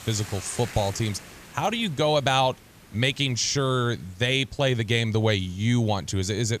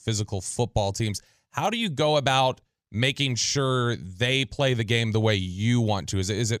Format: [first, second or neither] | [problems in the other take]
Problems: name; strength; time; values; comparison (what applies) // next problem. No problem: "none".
second | hiss; faint; throughout; 20 dB below the speech